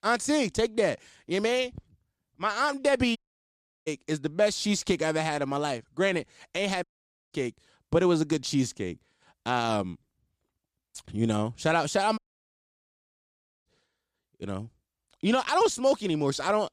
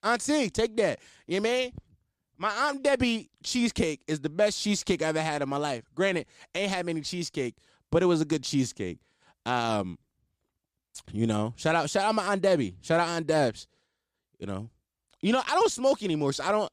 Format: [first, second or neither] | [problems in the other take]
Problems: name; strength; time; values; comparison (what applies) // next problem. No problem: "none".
second | audio cutting out; at 3 s for 0.5 s, at 7 s and at 12 s for 1.5 s